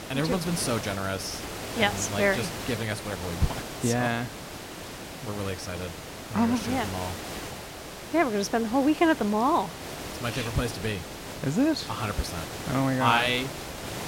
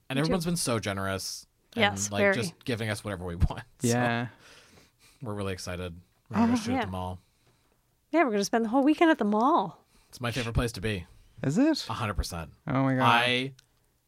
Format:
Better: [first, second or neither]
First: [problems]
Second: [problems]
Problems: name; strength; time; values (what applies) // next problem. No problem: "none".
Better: second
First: hiss; loud; throughout; 9 dB below the speech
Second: none